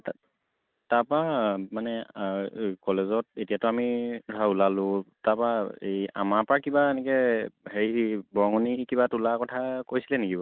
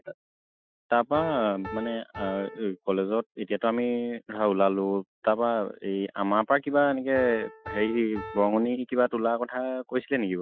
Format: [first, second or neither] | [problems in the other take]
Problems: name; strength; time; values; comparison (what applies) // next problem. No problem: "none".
first | noise reduction (classical method Wiener filter)